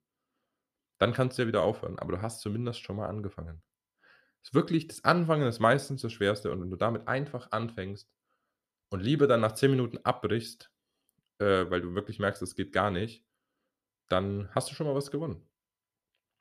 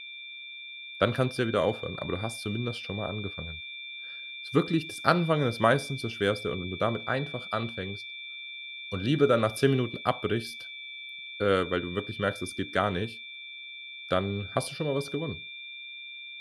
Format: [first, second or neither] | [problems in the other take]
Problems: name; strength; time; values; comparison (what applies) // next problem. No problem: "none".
first | high-pitched whine; loud; throughout; 2.5 kHz, 10 dB below the speech